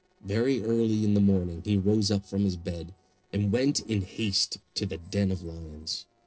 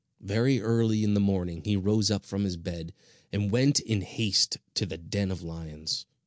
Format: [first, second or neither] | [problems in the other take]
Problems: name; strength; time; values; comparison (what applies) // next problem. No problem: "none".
second | noise reduction (neural separator model SepFormer DNS4)